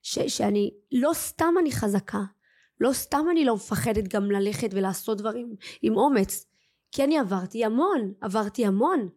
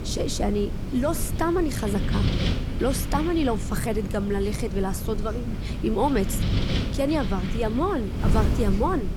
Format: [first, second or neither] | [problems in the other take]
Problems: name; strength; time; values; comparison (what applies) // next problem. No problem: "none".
first | wind noise on the microphone; heavy; 8 dB below the speech